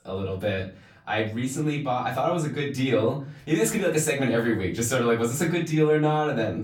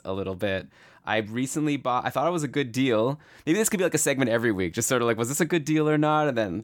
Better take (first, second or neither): second